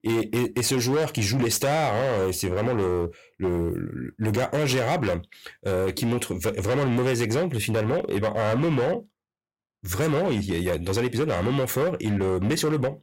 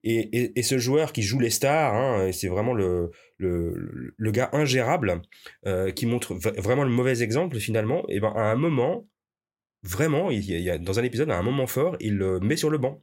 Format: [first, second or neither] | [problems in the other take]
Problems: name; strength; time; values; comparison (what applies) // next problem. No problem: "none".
second | distortion; slight; 19% of the sound clipped